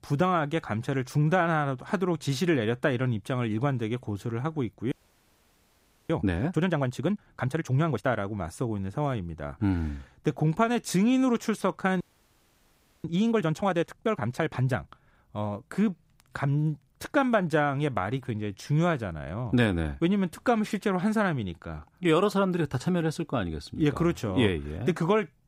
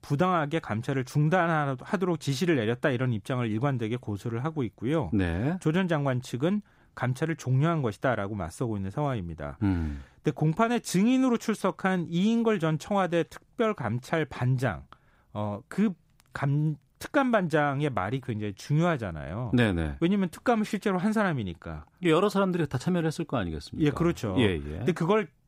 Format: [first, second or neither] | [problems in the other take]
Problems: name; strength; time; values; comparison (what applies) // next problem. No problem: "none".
second | audio freezing; at 5 s for 1 s and at 12 s for 1 s